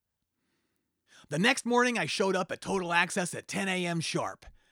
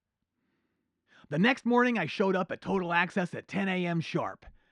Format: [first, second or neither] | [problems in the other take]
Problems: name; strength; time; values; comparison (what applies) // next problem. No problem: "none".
first | muffled; slightly; fading above 2.5 kHz